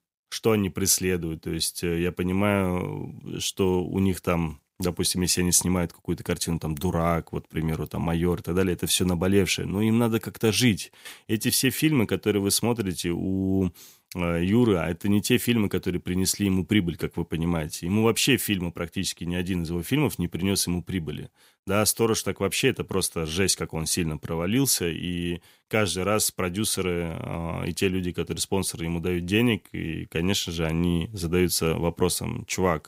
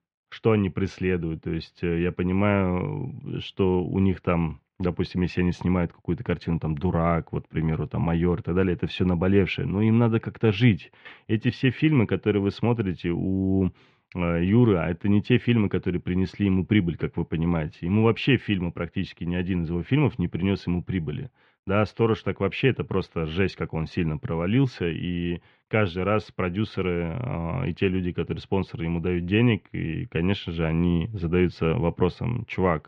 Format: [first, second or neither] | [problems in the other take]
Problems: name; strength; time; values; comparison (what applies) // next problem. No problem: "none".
first | muffled; very; fading above 3 kHz